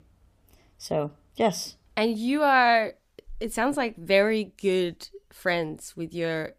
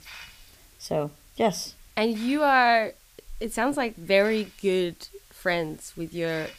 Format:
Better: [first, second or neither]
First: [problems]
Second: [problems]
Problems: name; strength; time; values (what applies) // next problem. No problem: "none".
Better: first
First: none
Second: hiss; faint; throughout; 25 dB below the speech